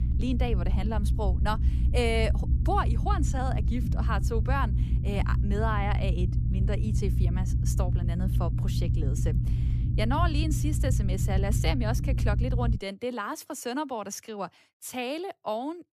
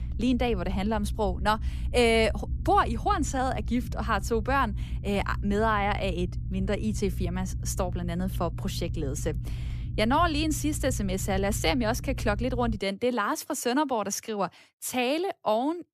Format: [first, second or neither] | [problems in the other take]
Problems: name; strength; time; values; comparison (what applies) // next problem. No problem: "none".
second | low rumble; loud; until 13 s; 9 dB below the speech; faint in the second